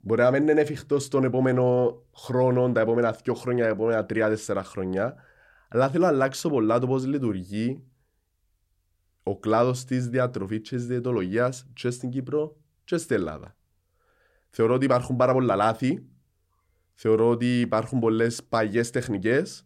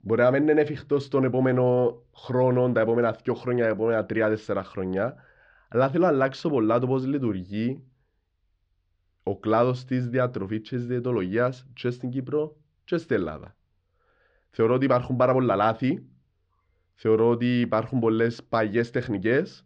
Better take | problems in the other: first | muffled; slightly; fading above 4.5 kHz

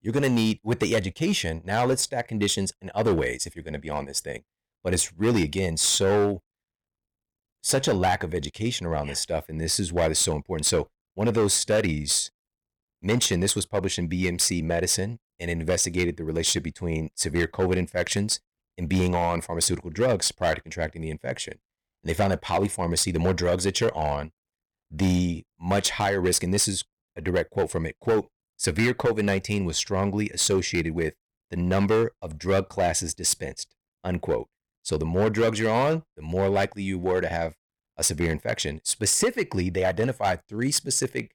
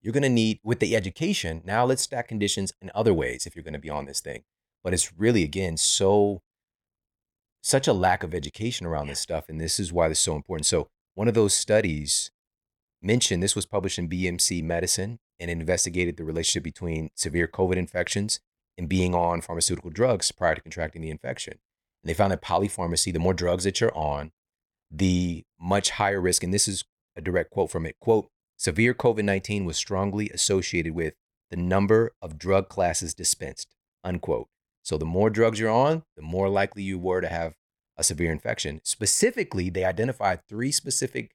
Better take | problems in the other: second | distortion; slight; 5% of the sound clipped

